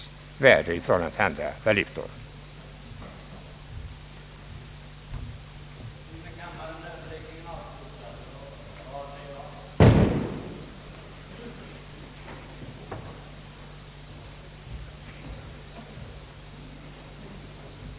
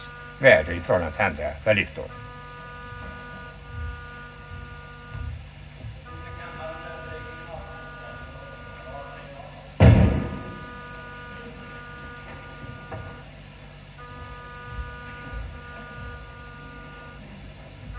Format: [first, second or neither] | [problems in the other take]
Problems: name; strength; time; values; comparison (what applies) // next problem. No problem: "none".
first | background sound (Wind instrument, woodwind instrument); 17 dB below the speech // room echo; dies away in 0.4 s